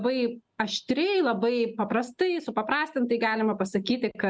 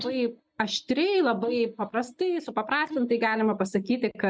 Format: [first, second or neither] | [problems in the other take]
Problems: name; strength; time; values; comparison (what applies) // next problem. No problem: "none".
first | noise reduction (neural mask model DeepFilterNet 3)